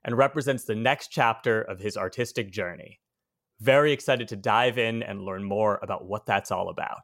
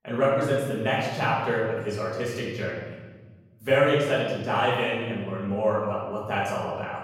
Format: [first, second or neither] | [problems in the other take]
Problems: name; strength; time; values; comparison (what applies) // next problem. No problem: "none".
first | room echo; noticeable; dies away in 1.3 s // off-mic speech; far